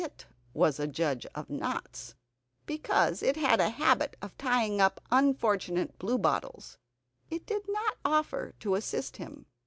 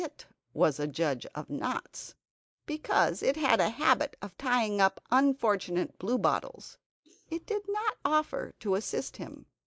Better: first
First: none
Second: noise reduction (neural mask model Resemble Enhance denoiser)

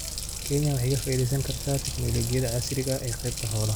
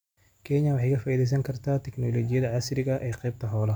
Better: second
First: background sound (Water tap, faucet + Motor vehicle (road)); 5 dB below the speech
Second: none

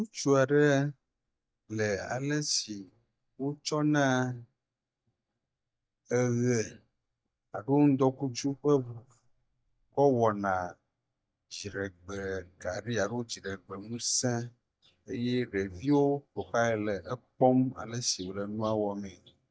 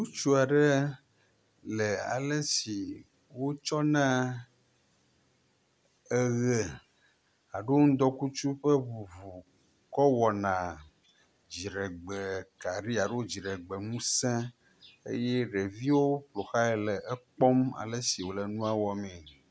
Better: second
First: noise reduction (neural mask model DeepFilterNet 3)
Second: none

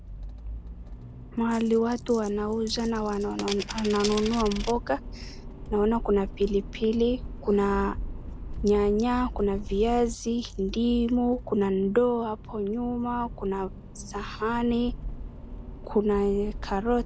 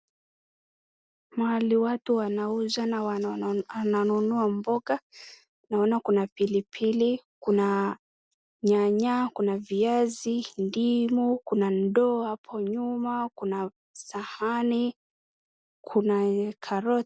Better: second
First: background sound (Accelerating, revving, vroom + Coin (dropping)); 10 dB below the speech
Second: none

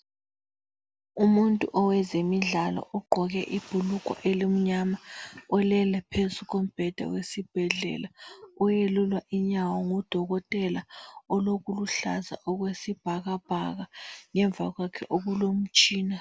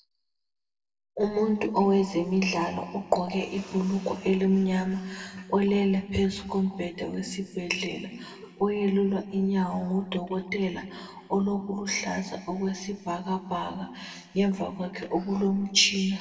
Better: first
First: none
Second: room echo; dies away in 1.4 s

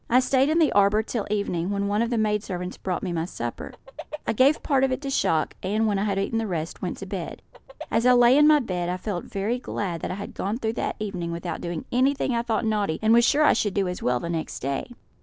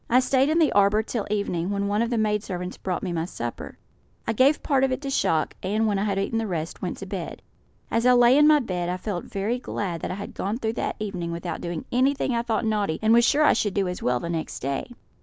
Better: second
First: background sound (Chicken, rooster); 16 dB below the speech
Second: none

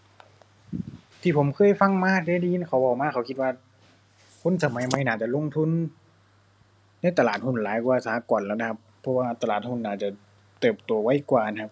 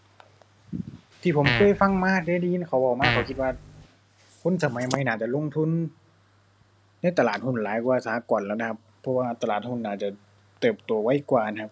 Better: first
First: none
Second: background sound (Fart); 2 dB below the speech

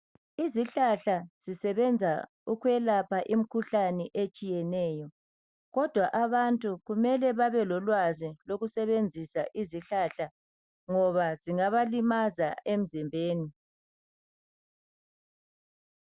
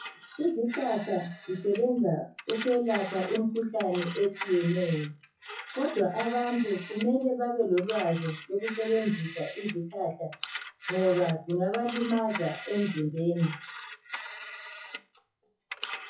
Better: first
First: none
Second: noise reduction (classical method WPE with log-MMSE)

